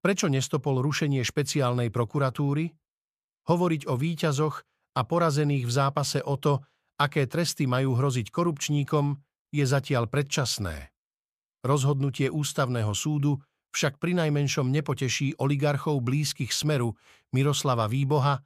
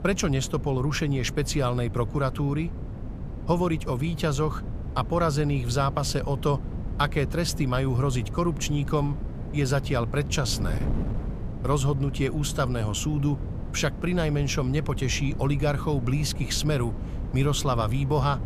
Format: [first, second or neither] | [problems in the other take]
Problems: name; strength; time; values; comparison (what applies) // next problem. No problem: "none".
first | wind noise on the microphone; occasional gusts; 15 dB below the speech